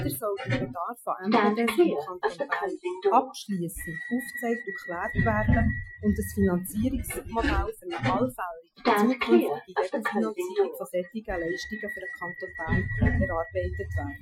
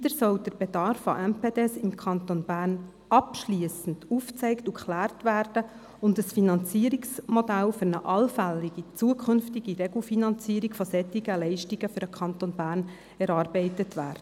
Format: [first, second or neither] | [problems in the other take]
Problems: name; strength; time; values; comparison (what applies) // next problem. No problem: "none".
second | noise reduction (classical method Wiener filter)